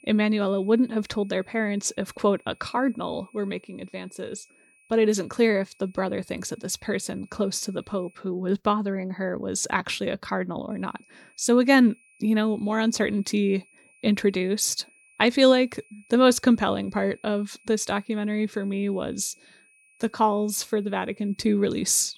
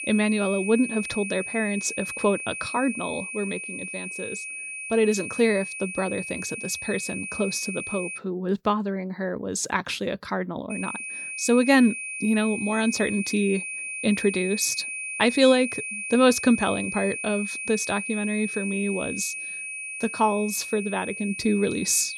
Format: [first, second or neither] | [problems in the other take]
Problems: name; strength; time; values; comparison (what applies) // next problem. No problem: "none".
first | high-pitched whine; loud; until 8 s and from 11 s on; 2.5 kHz, 6 dB below the speech; faint in the first